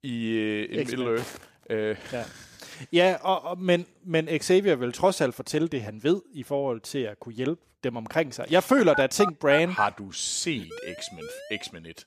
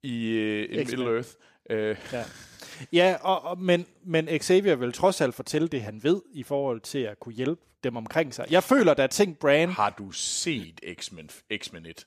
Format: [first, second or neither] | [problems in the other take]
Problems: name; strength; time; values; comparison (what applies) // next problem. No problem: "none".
second | footsteps; faint; at 1 s; peak 15 dB below the speech // phone ringing; noticeable; at 9 s; peak 3 dB below the speech // siren; faint; from 11 s on; peak 15 dB below the speech